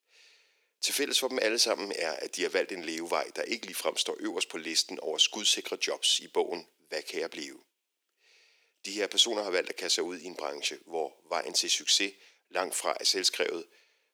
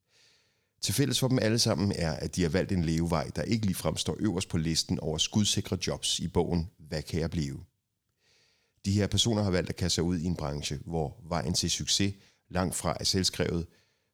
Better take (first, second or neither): second